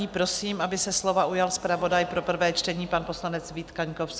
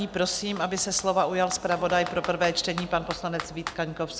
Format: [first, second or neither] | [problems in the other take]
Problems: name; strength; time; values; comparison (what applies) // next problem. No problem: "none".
first | background sound (Computer keyboard); 14 dB below the speech